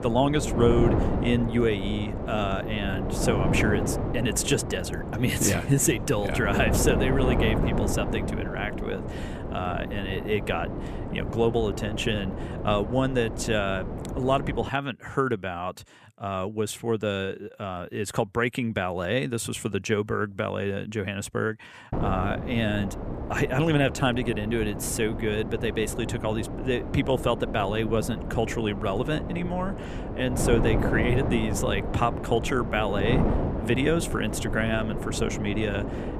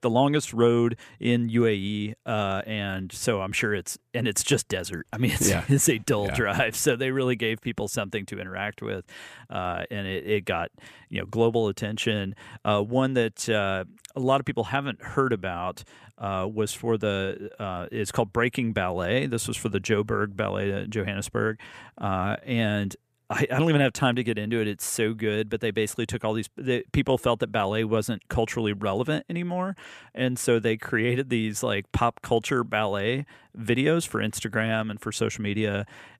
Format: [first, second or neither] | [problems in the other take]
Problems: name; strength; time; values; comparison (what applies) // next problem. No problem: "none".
second | wind noise on the microphone; heavy; until 15 s and from 22 s on; 6 dB below the speech